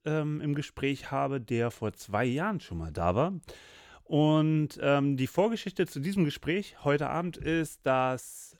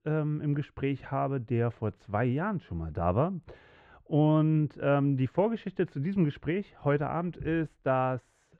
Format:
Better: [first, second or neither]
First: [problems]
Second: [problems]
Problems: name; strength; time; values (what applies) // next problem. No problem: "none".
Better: first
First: none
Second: muffled; very; fading above 2 kHz